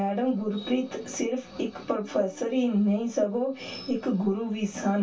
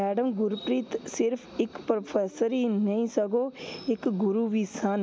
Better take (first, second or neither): second